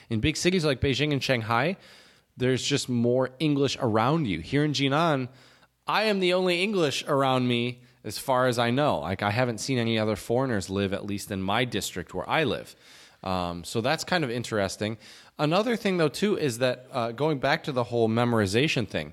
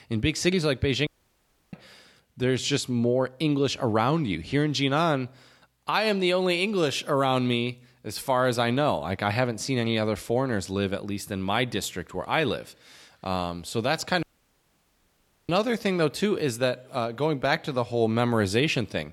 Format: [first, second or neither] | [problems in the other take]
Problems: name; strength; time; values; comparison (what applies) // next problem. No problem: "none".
first | audio cutting out; at 1 s for 0.5 s and at 14 s for 1.5 s